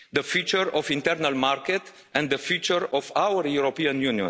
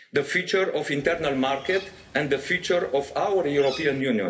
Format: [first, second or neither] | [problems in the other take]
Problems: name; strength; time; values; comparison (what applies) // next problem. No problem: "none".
first | background sound (Bird); 19 dB below the speech // room echo; dies away in 0.3 s